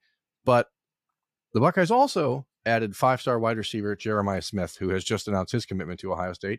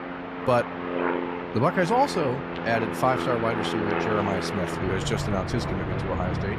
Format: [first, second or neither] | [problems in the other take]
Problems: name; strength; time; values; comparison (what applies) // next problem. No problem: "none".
first | train or aircraft noise; loud; throughout; 2 dB below the speech